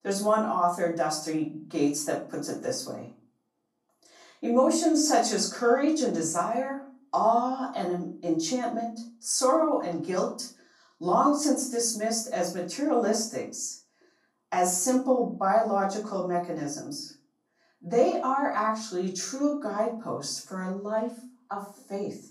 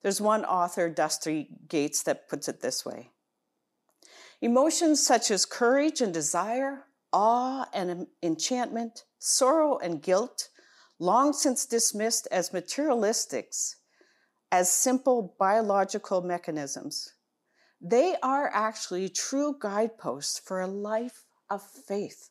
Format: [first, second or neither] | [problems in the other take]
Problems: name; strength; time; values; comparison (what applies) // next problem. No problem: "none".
second | off-mic speech; far // room echo; slight; dies away in 0.4 s